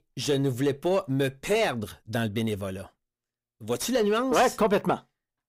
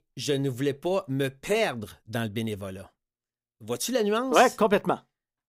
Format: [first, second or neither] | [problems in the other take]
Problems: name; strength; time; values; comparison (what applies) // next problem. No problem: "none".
second | distortion; slight; 10 dB below the speech